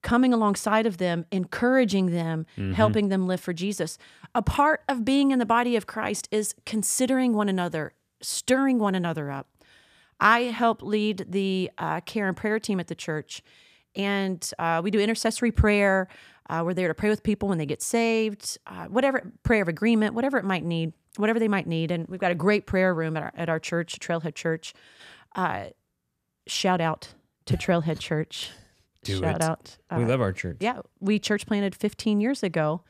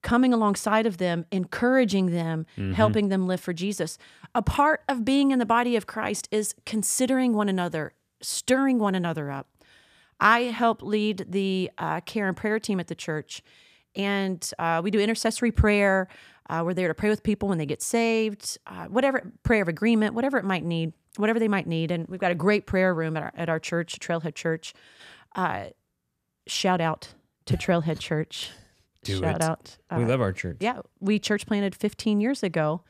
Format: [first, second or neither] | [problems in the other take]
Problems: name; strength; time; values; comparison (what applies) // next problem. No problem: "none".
neither | none